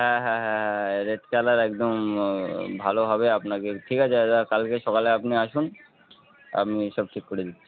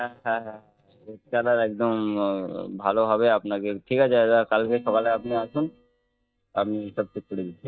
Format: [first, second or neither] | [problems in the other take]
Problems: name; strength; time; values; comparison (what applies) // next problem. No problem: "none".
first | noise reduction (neural mask model DeepFilterNet 3)